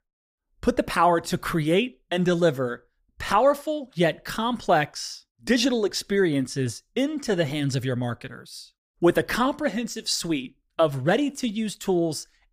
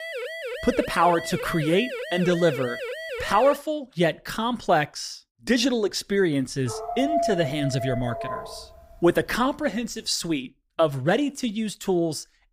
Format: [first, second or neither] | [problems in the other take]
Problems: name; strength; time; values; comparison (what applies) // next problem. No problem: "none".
first | siren; noticeable; until 3.5 s; peak 7 dB below the speech // dog barking; noticeable; from 6.5 to 8.5 s; peak 1 dB below the speech